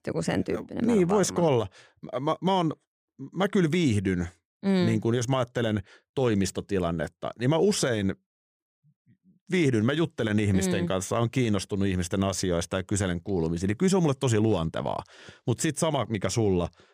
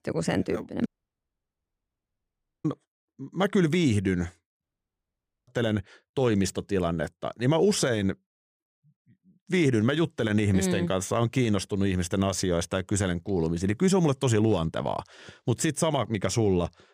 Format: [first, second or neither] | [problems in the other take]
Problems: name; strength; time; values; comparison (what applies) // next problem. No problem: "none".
first | audio cutting out; at 1 s for 2 s and at 4.5 s for 1 s